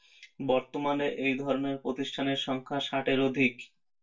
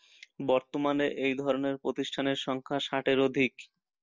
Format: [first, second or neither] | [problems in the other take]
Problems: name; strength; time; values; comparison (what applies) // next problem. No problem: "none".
second | room echo; dies away in 0.2 s